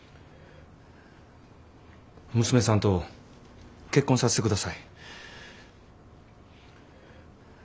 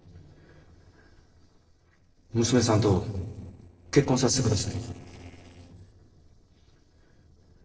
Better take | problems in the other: first | noise reduction (neural separator model SepFormer DNS4)

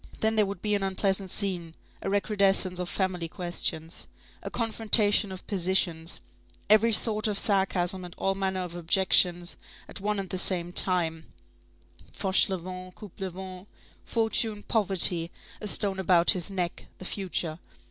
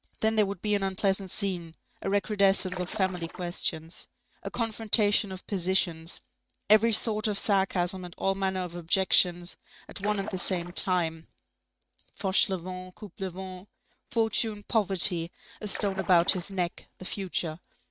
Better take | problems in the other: first | noise reduction (neural mask model RNNoise)

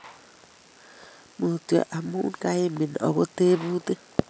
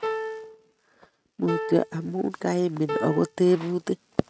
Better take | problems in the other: first | noise reduction (neural mask model RNNoise)

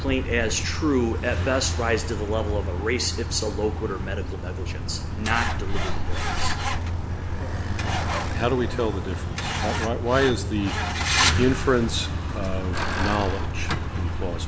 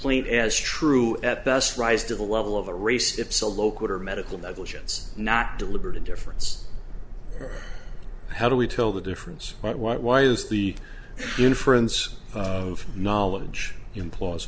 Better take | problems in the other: second | background sound (Truck); 1 dB below the speech

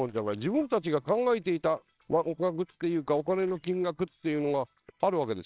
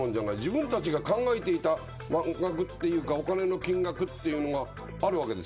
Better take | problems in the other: second | noise reduction (neural separator model SepFormer WHAMR!)

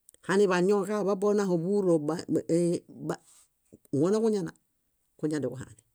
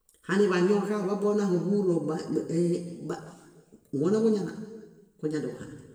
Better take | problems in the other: first | room echo; dies away in 1.2 s

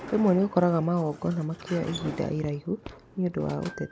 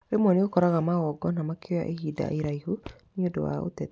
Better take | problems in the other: second | background sound (Sliding door); 15 dB below the speech

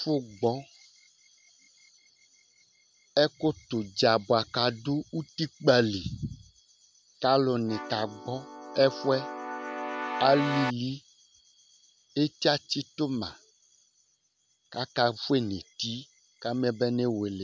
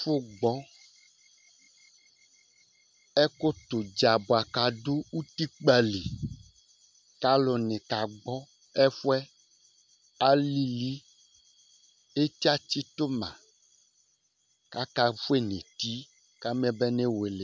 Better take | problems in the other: second | background sound (Keyboard (musical)); 6 dB below the speech

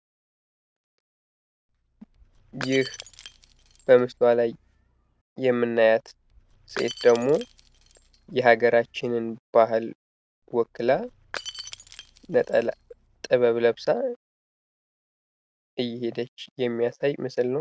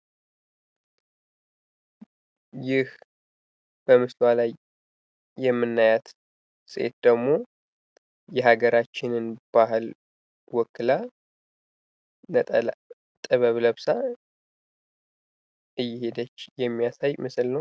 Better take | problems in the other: second | background sound (Shatter / Crushing); 18 dB below the speech

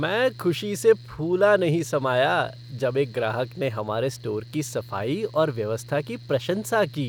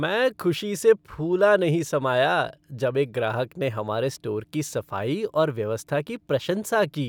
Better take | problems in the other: second | background sound (Mechanical fan); 18 dB below the speech

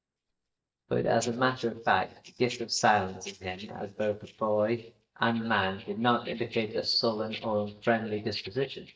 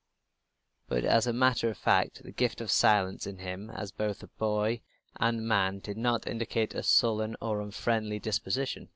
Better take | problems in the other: second | noise reduction (neural mask model DeepFilterNet 3)

